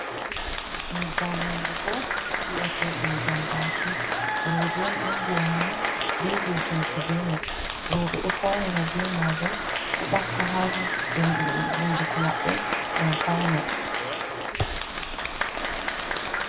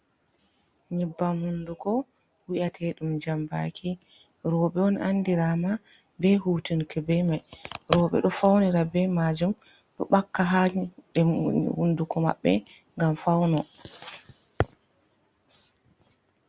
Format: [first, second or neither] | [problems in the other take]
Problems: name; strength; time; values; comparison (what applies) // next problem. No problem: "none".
second | background sound (Applause / Crowd); 2 dB above the speech // room echo; dies away in 0.3 s